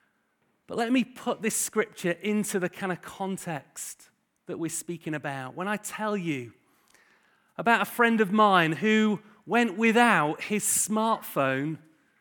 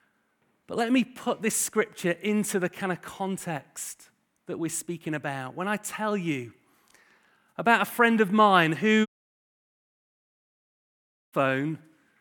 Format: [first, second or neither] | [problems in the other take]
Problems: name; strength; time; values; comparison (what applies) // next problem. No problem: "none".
first | audio cutting out; at 9 s for 2.5 s